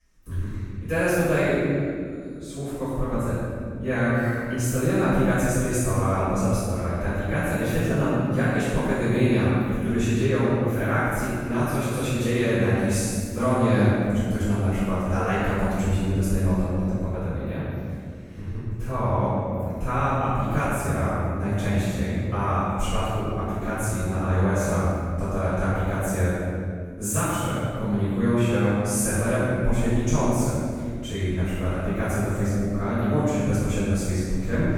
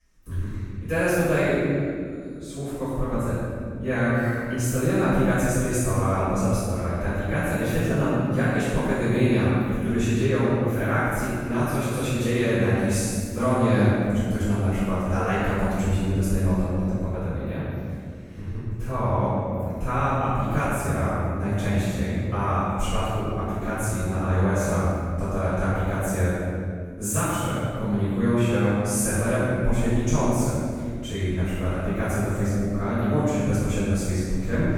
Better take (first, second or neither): neither